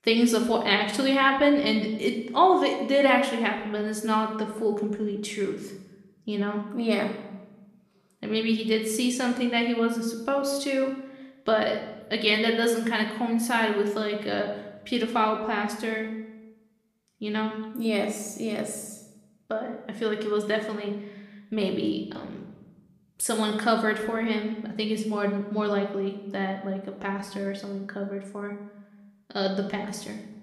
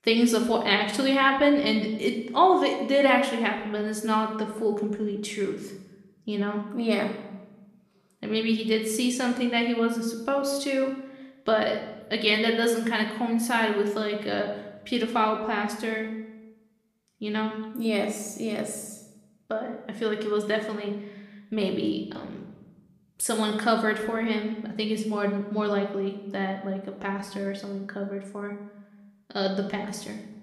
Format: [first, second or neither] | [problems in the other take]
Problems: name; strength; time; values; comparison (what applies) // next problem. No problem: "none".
neither | room echo; slight; dies away in 0.9 s; the same in both // off-mic speech; somewhat distant; the same in both